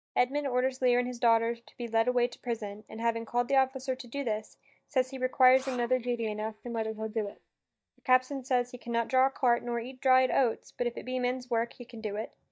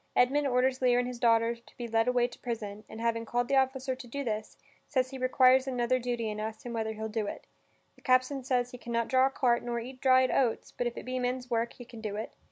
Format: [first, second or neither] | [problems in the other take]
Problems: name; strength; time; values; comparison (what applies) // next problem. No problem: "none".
second | noise reduction (neural mask model DeepFilterNet 3)